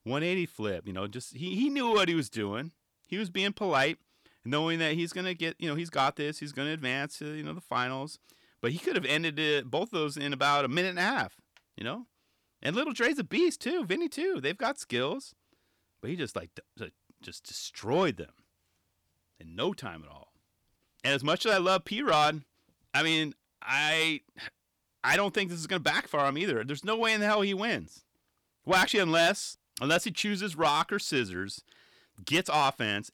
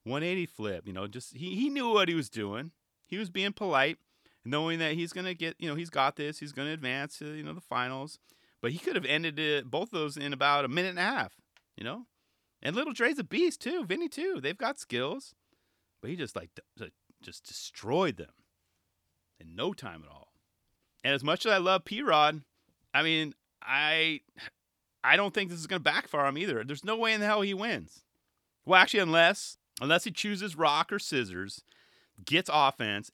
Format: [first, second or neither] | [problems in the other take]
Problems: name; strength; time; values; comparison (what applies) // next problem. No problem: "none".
second | distortion; slight; 10 dB below the speech